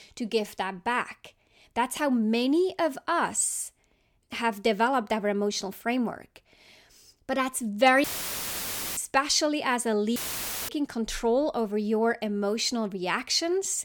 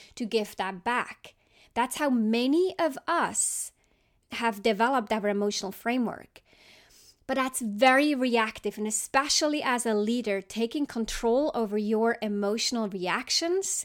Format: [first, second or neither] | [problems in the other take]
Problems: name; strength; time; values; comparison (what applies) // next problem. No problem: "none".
second | audio cutting out; filled with static; at 8 s for 1 s and at 10 s for 0.5 s